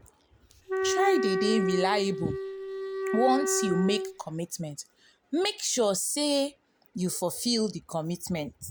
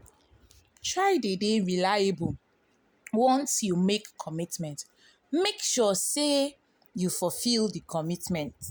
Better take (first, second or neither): second